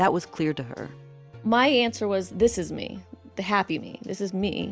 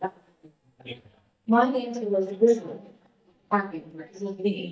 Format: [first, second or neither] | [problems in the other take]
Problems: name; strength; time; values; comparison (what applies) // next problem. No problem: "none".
first | noise reduction (neural mask model DeepFilterNet 3)